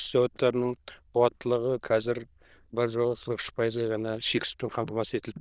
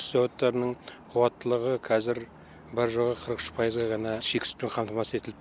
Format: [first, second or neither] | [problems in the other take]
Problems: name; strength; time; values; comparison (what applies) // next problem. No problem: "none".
second | noise reduction (neural diffusion model UNIVERSE++)